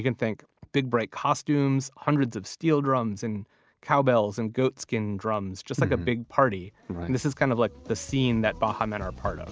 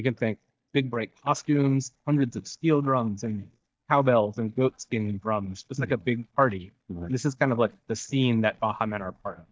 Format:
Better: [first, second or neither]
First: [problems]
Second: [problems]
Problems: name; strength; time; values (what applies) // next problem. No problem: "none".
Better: first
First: none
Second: noise reduction (neural mask model DeepFilterNet 3)